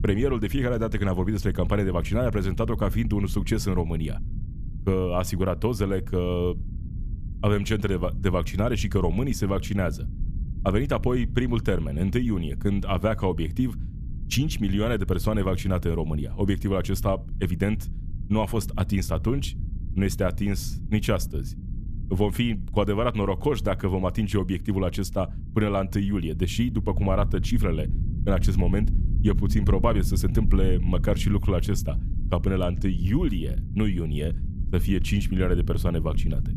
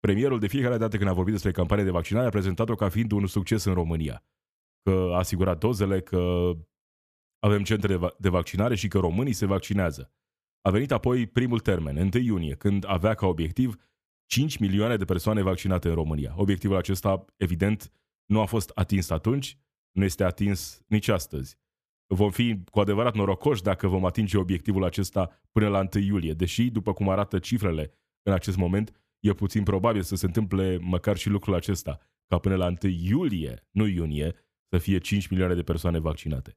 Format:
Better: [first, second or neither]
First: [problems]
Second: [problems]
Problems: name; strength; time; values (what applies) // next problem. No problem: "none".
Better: second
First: low rumble; noticeable; throughout; 15 dB below the speech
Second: none